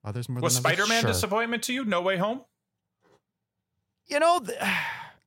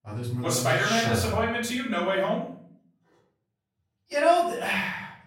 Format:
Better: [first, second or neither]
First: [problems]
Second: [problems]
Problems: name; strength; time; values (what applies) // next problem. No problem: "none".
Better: first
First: none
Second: off-mic speech; far // room echo; noticeable; dies away in 0.6 s